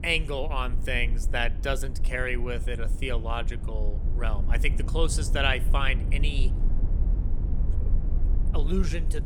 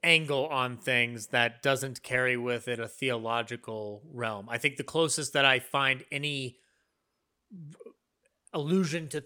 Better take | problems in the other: second | low rumble; noticeable; throughout; 15 dB below the speech

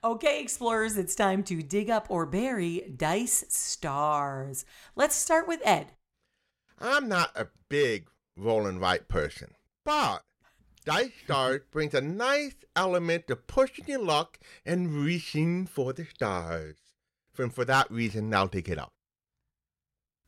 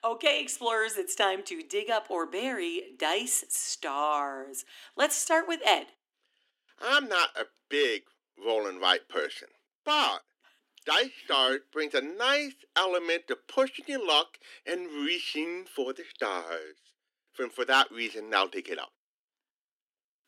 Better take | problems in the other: first | thin; somewhat; fading below 250 Hz

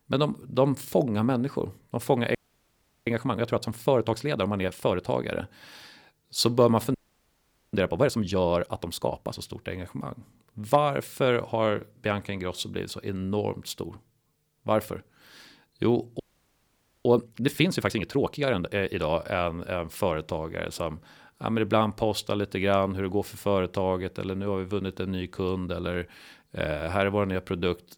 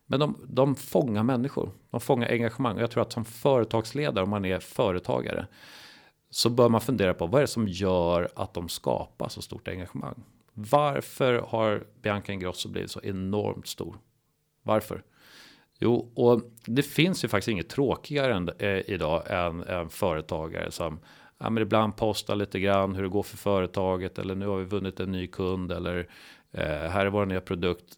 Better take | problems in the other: second | audio freezing; at 2.5 s for 0.5 s, at 7 s for 1 s and at 16 s for 1 s

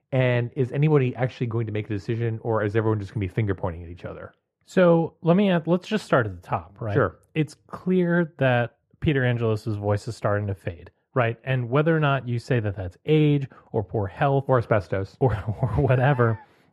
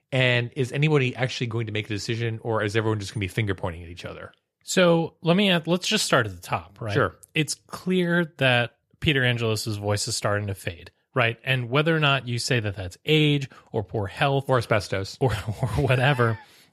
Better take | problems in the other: second | muffled; very; fading above 2.5 kHz

